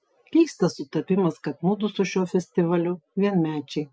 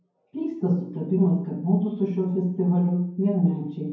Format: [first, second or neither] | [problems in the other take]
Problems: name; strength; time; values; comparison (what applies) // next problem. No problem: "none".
first | room echo; dies away in 0.9 s